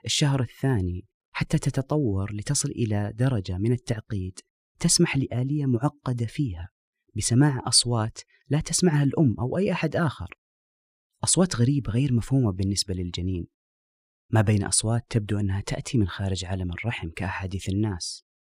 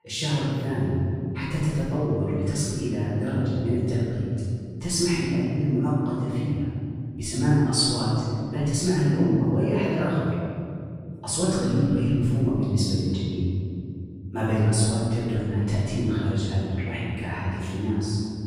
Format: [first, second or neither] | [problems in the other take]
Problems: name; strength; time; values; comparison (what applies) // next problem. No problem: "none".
first | room echo; strong; dies away in 2.6 s // off-mic speech; far